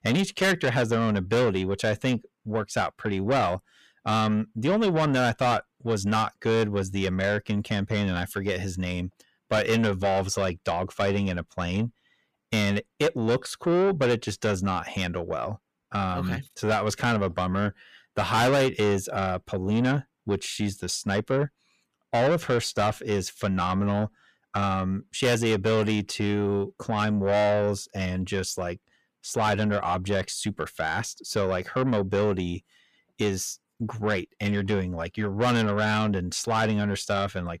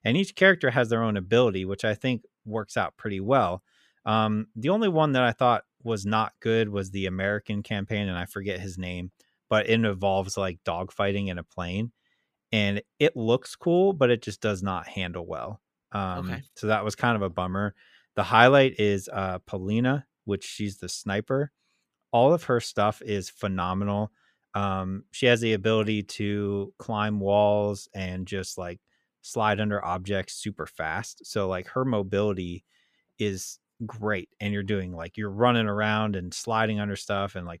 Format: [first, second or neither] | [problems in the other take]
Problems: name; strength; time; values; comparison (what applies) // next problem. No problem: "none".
second | distortion; heavy; 7 dB below the speech